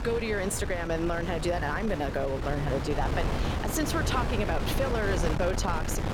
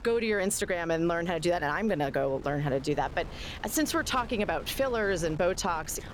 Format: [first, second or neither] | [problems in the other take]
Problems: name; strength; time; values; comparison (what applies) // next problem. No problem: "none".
second | wind noise on the microphone; heavy; 5 dB below the speech; occasional gusts in the second